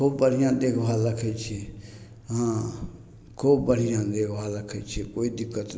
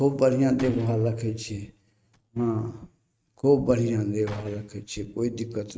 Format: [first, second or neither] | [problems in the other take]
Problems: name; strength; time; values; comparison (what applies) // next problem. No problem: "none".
first | noise reduction (neural mask model RNNoise)